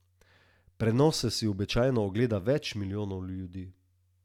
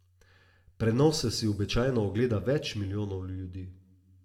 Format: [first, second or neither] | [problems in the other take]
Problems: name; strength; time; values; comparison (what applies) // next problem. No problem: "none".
first | room echo; dies away in 1.1 s